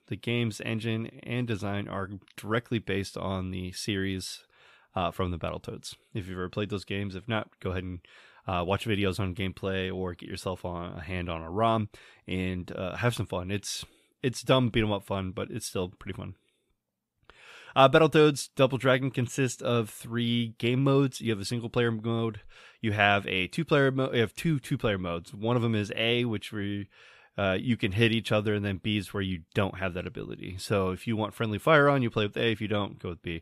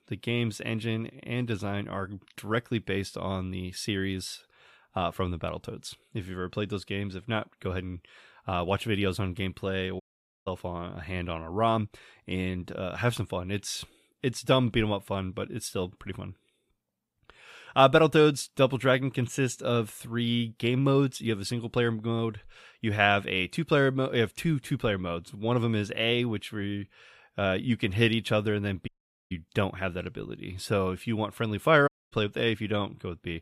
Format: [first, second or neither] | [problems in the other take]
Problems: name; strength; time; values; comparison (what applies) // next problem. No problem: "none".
first | audio cutting out; at 10 s, at 29 s and at 32 s